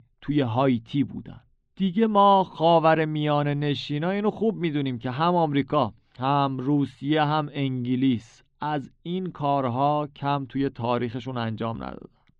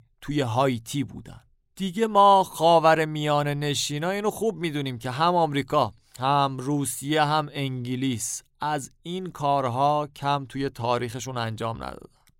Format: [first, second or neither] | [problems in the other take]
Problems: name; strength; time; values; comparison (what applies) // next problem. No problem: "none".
second | muffled; slightly; fading above 3.5 kHz